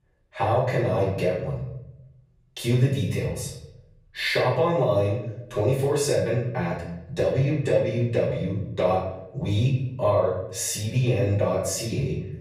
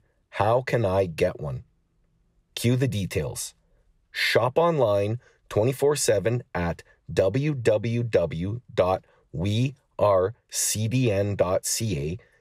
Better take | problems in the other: second | off-mic speech; far // room echo; noticeable; dies away in 0.8 s

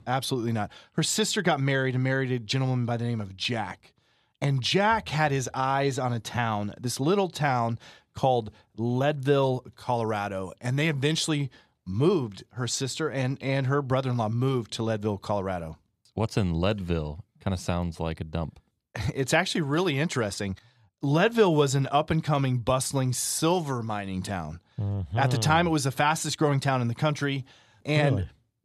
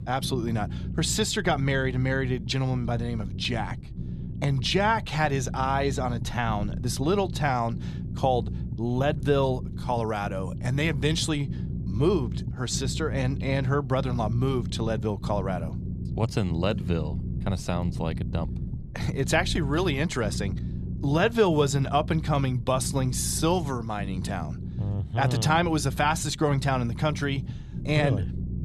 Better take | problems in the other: first | low rumble; noticeable; throughout; 15 dB below the speech

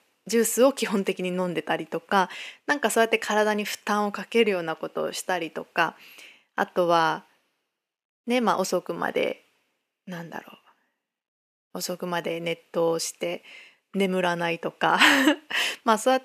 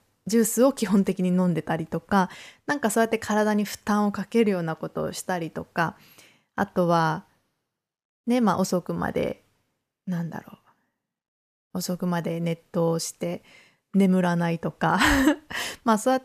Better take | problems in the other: second | thin; somewhat; fading below 350 Hz

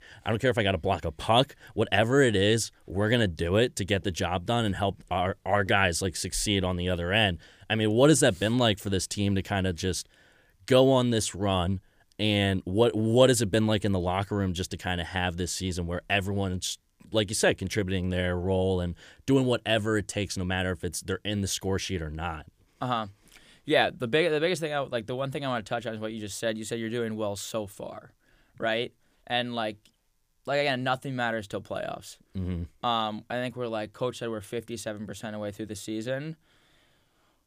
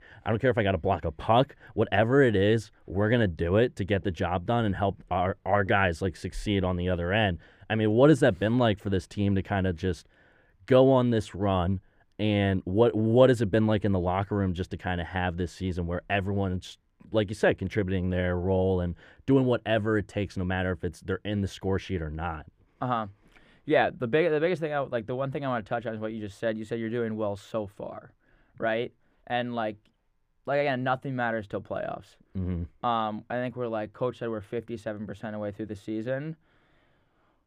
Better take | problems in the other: first | muffled; very; fading above 3.5 kHz

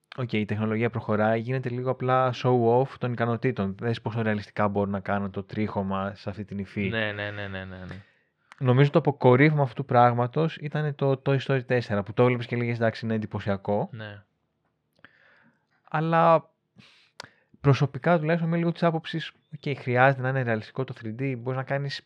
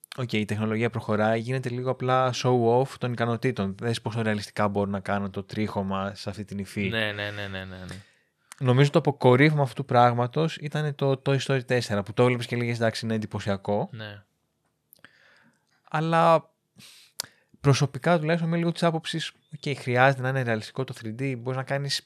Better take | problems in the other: second | muffled; slightly; fading above 3 kHz

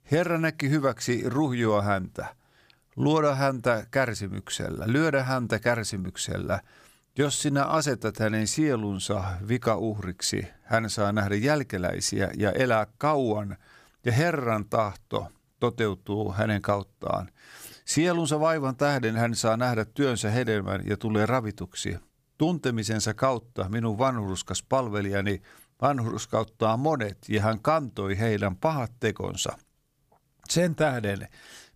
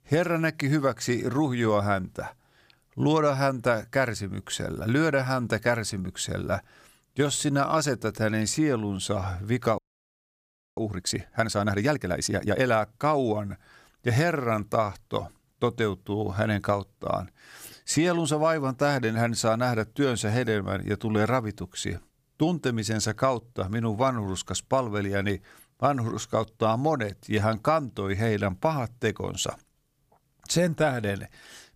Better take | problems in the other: first | audio freezing; at 10 s for 1 s

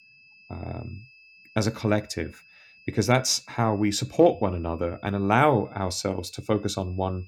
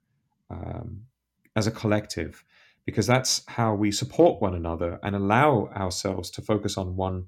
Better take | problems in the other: second | high-pitched whine; faint; throughout; 2.5 kHz, 30 dB below the speech

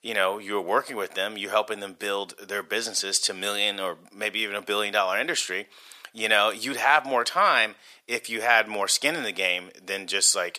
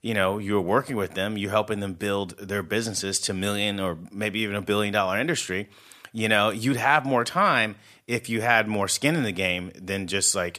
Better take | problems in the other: second | thin; somewhat; fading below 500 Hz

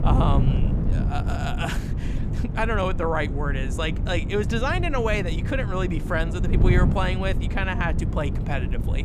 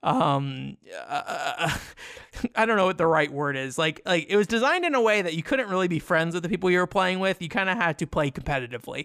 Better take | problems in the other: second | wind noise on the microphone; heavy; 9 dB below the speech

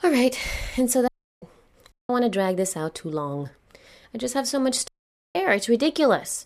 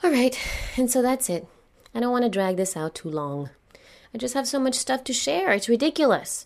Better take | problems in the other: second | audio cutting out; at 1 s, at 2 s and at 5 s

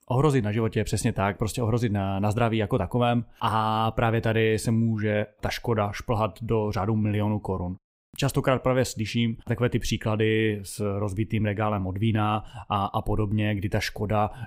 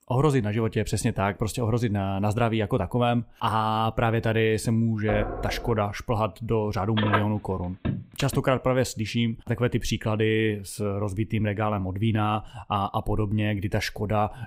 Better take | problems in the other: first | door banging; noticeable; at 5 s; peak 6 dB below the speech // phone ringing; noticeable; from 7 to 8.5 s; peak 1 dB below the speech

